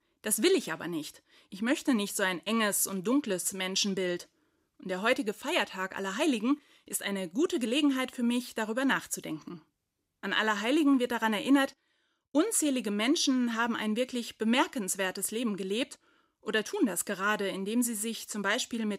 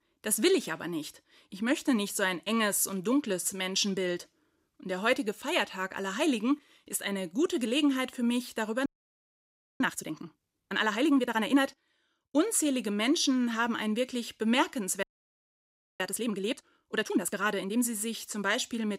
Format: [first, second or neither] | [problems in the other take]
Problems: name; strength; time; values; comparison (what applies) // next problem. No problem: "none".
first | audio freezing; at 9 s for 1 s and at 15 s for 1 s